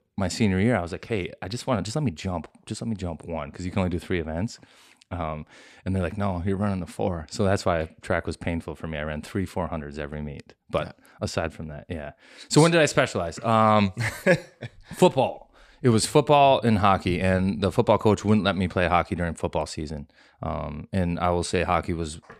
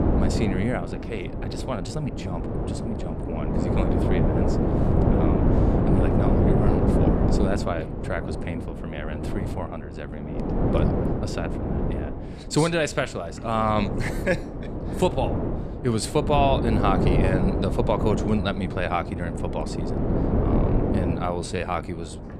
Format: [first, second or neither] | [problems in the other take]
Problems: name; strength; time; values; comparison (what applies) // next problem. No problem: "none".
first | wind noise on the microphone; heavy; 2 dB below the speech